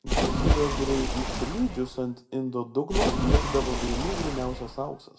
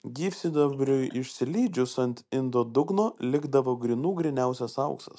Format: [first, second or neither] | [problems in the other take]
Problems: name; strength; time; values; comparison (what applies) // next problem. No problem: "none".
second | background sound (Splash, splatter); 3 dB above the speech // room echo; dies away in 0.5 s